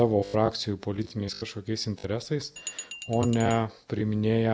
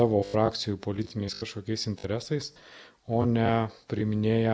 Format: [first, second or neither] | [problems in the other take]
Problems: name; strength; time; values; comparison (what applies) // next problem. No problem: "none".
second | background sound (Glass); 13 dB below the speech